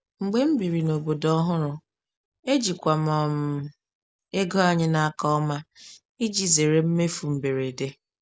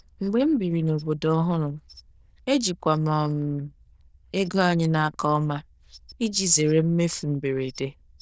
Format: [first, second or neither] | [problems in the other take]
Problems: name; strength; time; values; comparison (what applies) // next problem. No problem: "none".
first | noise reduction (neural diffusion model UNIVERSE++)